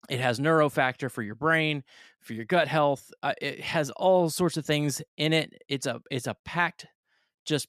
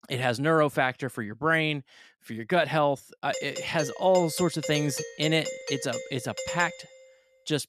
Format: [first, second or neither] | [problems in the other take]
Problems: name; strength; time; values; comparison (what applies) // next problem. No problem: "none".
first | doorbell; noticeable; from 3.5 to 7 s; peak 7 dB below the speech